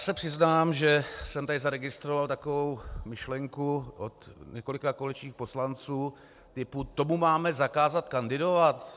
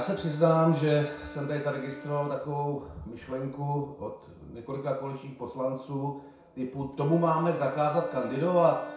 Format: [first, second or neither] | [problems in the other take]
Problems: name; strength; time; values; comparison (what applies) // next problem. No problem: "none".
first | background sound (Wind instrument, woodwind instrument); 18 dB below the speech // room echo; dies away in 0.6 s